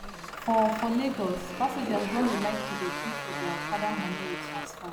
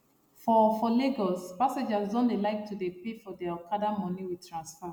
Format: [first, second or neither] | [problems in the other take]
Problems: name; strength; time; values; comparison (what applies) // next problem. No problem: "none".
second | background sound (Motorcycle + Engine starting / Bus); 5 dB below the speech